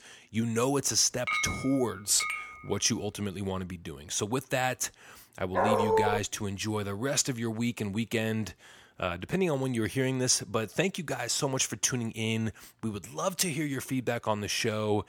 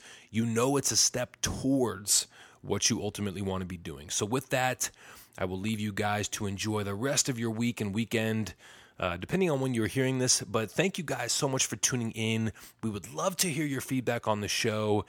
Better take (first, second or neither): second